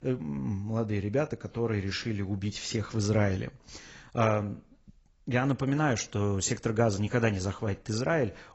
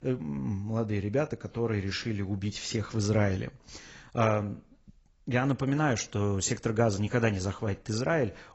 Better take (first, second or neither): neither